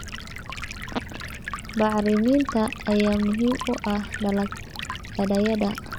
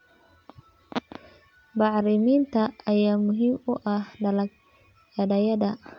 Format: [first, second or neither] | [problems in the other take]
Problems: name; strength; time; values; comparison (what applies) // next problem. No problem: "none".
second | background sound (Stream); 9 dB below the speech